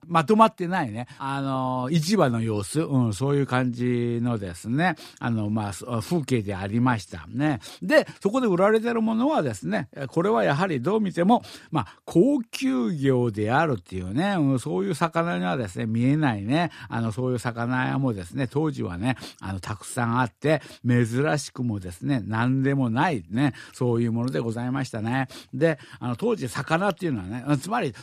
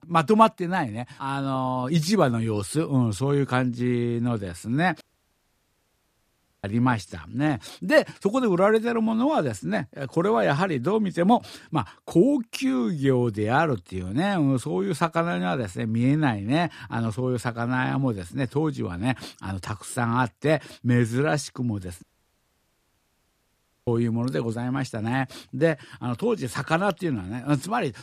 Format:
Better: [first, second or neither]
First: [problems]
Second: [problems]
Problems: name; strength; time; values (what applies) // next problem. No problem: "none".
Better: first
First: none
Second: audio cutting out; at 5 s for 1.5 s and at 22 s for 2 s